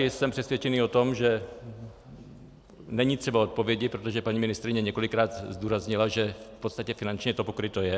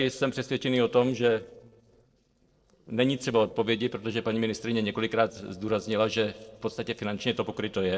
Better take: first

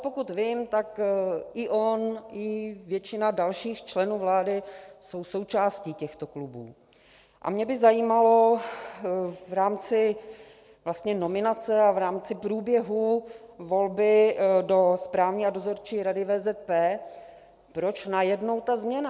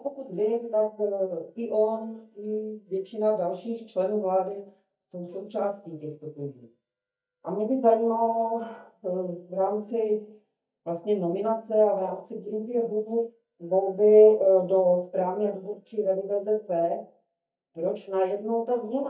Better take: first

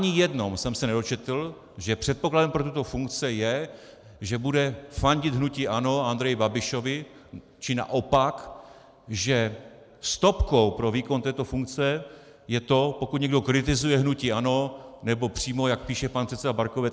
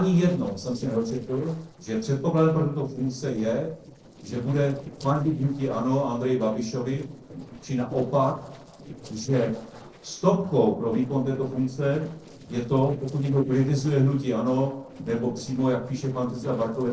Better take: first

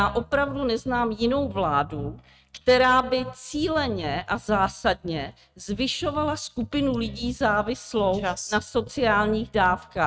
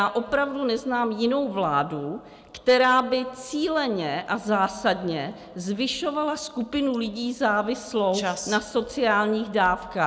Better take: second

